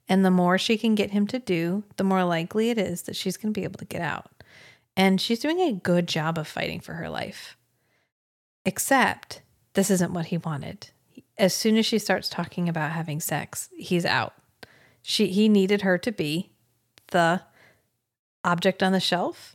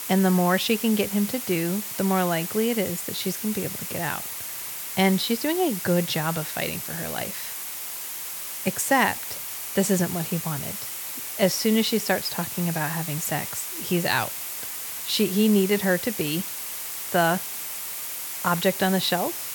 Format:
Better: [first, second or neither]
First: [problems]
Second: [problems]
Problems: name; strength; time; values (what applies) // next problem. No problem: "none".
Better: first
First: none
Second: hiss; loud; throughout; 5 dB below the speech